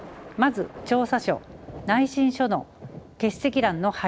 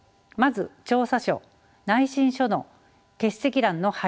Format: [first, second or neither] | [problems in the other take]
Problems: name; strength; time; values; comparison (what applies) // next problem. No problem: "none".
second | background sound (Thunder); 17 dB below the speech